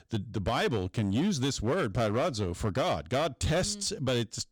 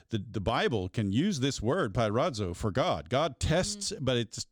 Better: second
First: distortion; slight; 11% of the sound clipped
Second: none

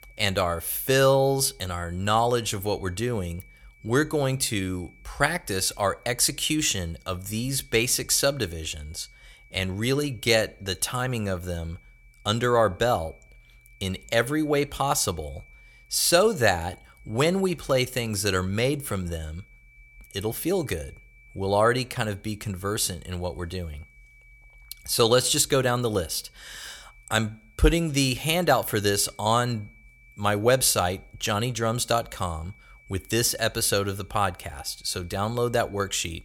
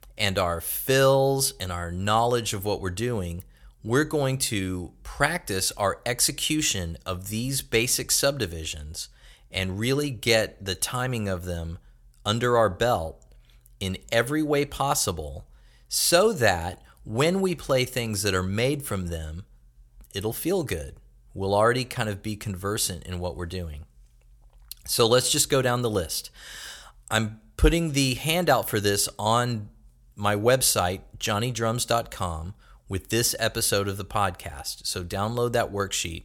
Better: second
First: high-pitched whine; faint; throughout; 2.5 kHz, 30 dB below the speech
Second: none

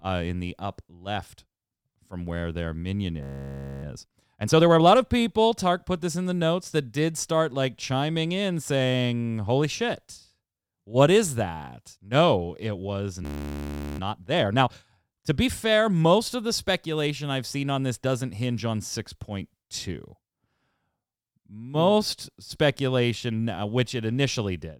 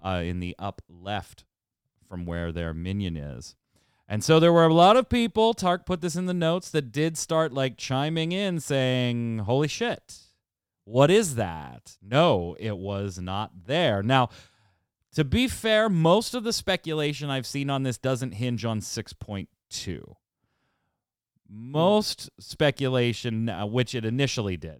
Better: second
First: audio freezing; at 3 s for 0.5 s and at 13 s for 0.5 s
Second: none

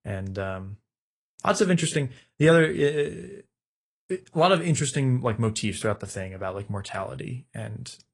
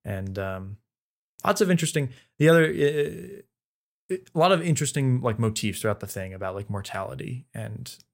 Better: second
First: garbled, watery; slightly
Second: none

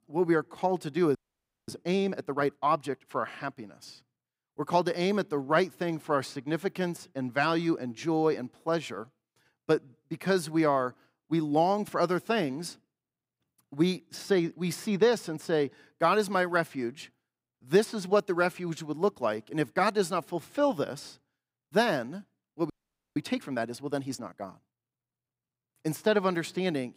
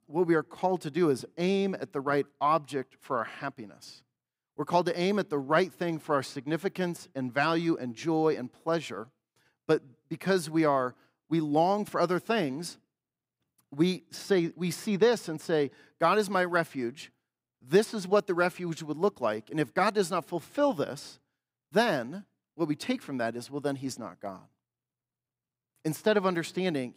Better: second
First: audio freezing; at 1 s for 0.5 s and at 23 s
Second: none

